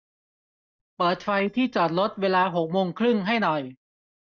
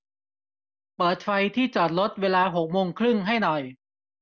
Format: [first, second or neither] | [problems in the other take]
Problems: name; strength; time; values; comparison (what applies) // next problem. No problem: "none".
second | noise reduction (neural mask model DeepFilterNet 3)